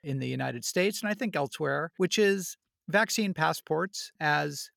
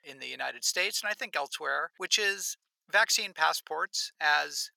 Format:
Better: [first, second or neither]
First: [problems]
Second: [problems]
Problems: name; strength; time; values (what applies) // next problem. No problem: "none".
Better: first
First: none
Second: thin; very; fading below 900 Hz